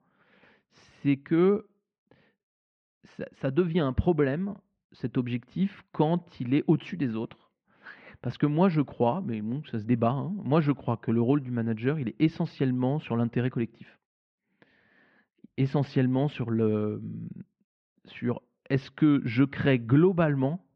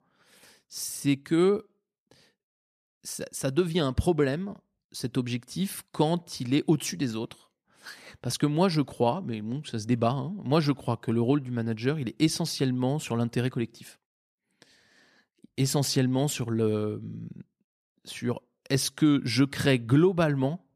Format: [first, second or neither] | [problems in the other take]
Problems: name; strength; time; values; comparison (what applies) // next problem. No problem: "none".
second | muffled; very; fading above 2.5 kHz